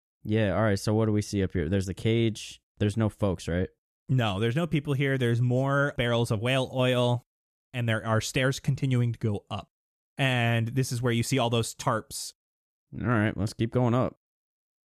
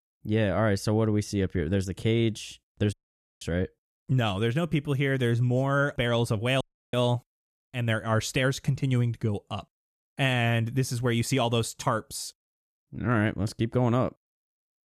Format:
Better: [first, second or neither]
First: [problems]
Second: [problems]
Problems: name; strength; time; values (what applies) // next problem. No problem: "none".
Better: first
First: none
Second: audio cutting out; at 3 s and at 6.5 s